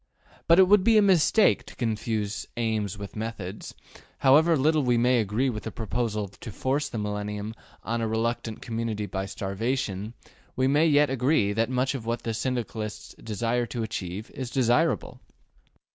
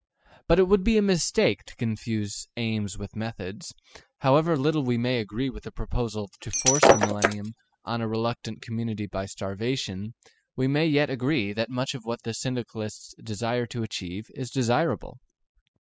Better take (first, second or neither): first